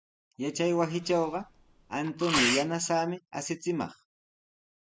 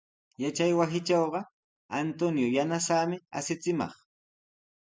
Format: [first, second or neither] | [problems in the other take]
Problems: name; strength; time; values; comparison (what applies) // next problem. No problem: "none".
second | background sound (Sneeze); 2 dB below the speech